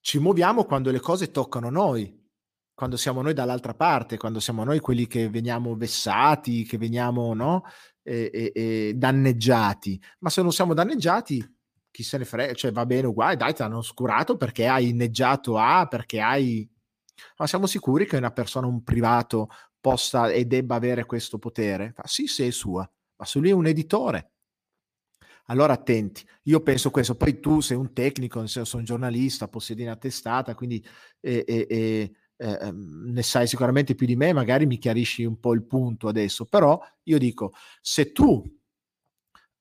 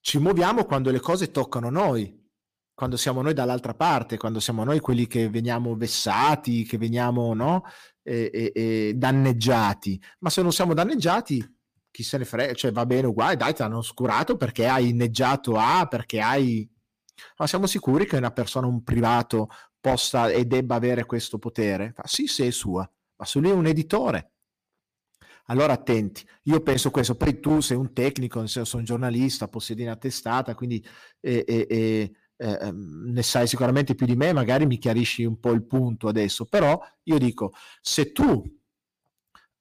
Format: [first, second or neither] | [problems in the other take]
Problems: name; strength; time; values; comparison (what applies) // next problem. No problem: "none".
first | distortion; slight; 6% of the sound clipped